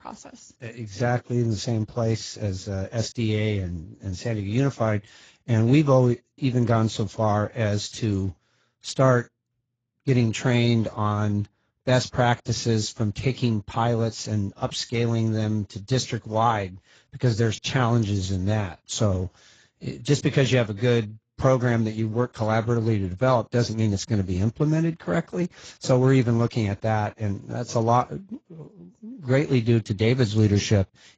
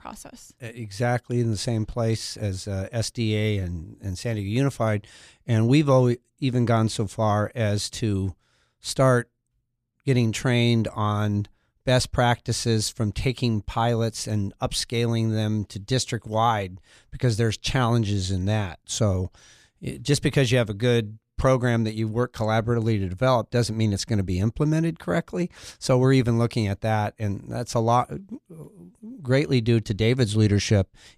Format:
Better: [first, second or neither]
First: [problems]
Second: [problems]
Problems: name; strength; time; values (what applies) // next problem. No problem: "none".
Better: second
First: garbled, watery; badly; nothing above 7.5 kHz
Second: none